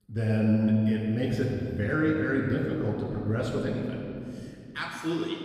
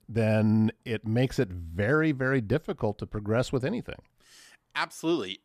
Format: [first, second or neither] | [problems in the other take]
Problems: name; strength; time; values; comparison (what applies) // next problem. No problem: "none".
second | off-mic speech; far // room echo; noticeable; dies away in 2.3 s